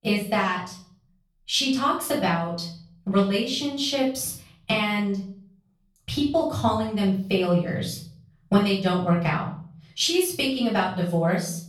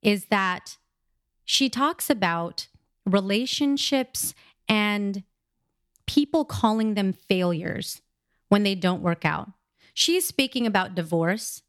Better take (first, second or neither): second